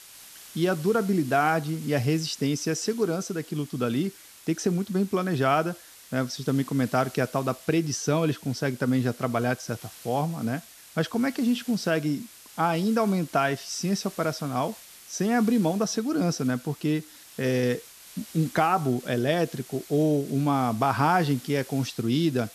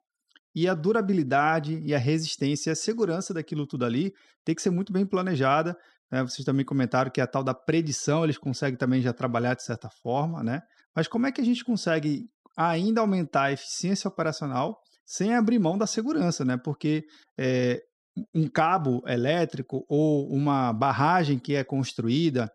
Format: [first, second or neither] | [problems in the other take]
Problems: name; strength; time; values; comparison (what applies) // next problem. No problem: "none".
second | hiss; noticeable; throughout; 20 dB below the speech